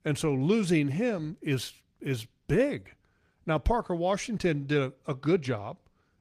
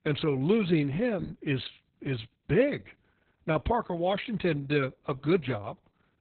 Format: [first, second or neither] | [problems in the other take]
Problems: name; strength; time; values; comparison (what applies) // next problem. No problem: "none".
first | garbled, watery; badly; nothing above 4 kHz; slightly in the first